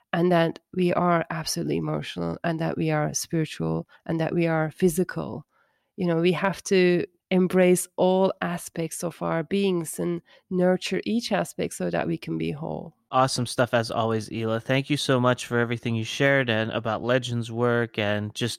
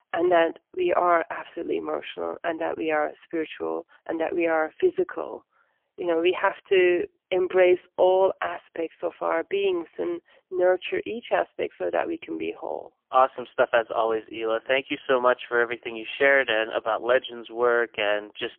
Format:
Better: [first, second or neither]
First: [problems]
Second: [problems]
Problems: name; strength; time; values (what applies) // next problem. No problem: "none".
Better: first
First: none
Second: phone-call audio; poor line; nothing above 3 kHz